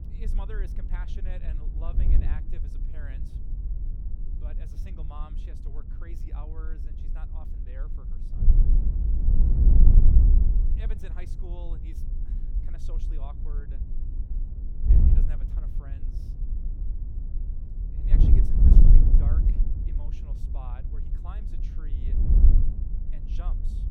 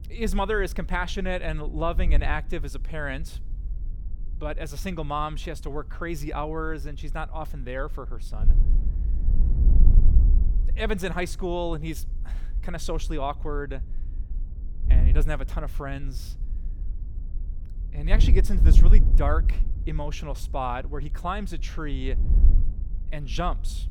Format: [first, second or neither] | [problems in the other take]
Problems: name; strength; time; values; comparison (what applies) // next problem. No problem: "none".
second | wind noise on the microphone; heavy; 5 dB above the speech; occasional gusts in the second